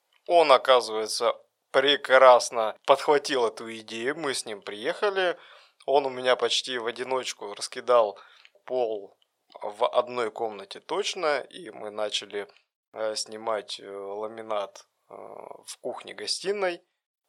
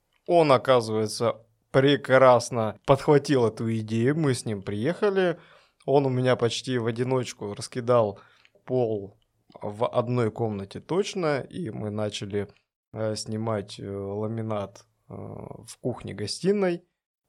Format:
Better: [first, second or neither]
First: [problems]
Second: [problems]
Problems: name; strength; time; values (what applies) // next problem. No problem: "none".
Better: second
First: thin; very; fading below 650 Hz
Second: none